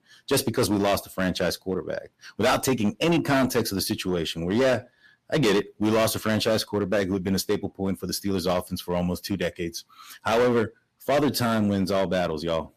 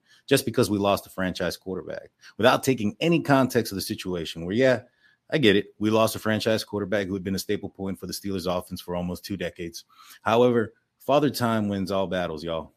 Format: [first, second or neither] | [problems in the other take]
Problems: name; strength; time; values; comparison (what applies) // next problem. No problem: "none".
second | distortion; heavy; 9% of the sound clipped